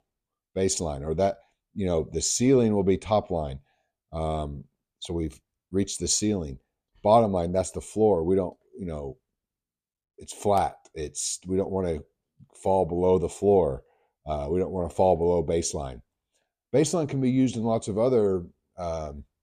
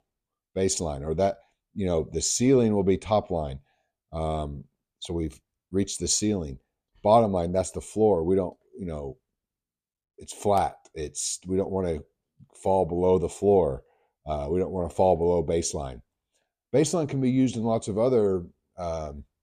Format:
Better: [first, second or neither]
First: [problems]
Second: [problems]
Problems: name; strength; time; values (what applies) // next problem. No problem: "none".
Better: neither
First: none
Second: none